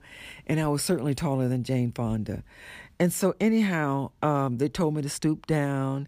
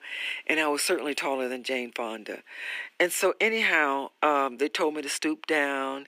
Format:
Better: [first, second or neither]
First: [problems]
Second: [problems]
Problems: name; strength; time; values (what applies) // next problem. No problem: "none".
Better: first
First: none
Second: thin; very; fading below 300 Hz